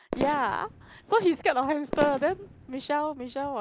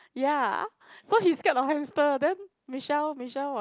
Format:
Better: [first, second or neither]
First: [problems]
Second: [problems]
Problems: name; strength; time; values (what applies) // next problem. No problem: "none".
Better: second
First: background sound (Fireworks); 10 dB below the speech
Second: none